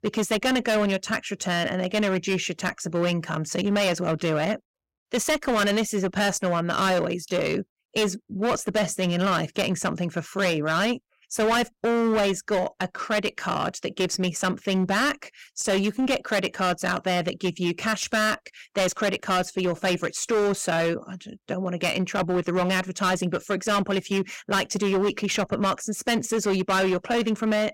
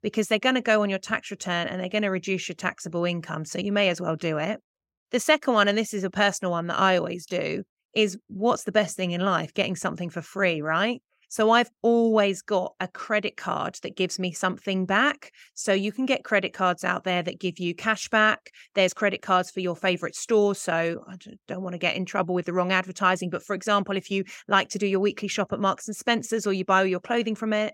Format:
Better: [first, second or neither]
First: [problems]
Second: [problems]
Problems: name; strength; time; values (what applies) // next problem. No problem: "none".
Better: second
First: distortion; heavy; 17% of the sound clipped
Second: none